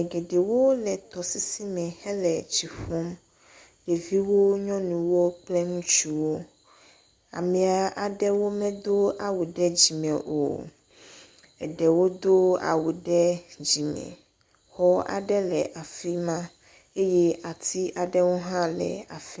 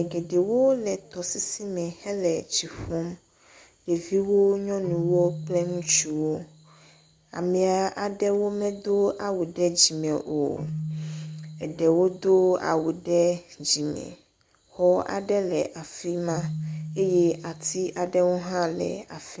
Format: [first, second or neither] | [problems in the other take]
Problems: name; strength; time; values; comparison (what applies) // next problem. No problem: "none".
first | background sound (Keyboard (musical)); 15 dB below the speech